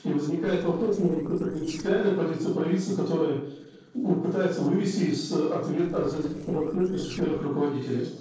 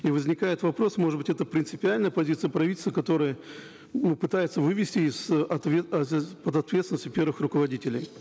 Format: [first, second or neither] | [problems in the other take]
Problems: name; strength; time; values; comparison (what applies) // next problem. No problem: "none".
second | noise reduction (neural separator model SepFormer DNS4)